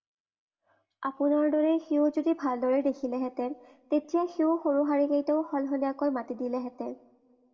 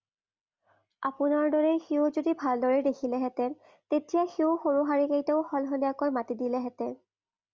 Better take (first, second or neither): second